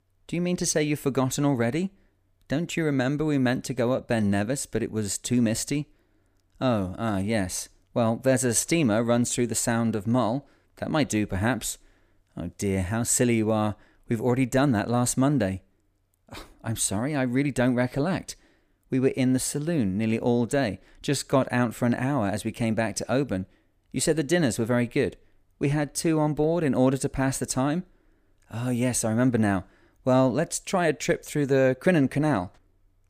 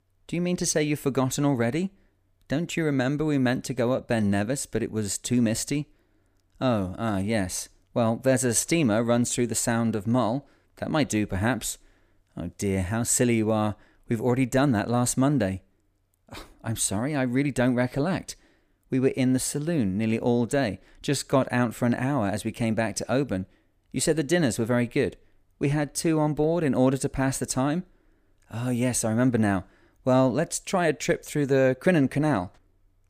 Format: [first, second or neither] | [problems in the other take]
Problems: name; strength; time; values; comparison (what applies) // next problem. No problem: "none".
neither | none